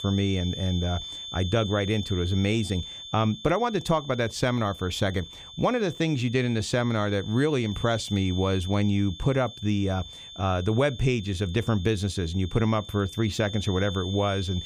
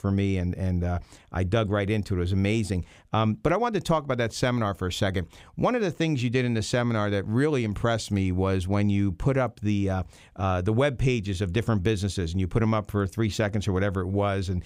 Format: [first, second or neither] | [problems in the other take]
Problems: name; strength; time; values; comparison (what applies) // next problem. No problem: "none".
second | high-pitched whine; noticeable; throughout; 3.5 kHz, 10 dB below the speech